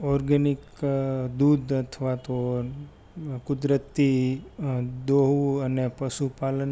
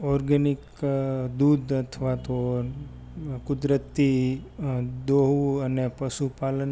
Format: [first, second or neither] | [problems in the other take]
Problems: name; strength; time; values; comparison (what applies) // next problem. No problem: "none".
first | background sound (Bass guitar); 20 dB below the speech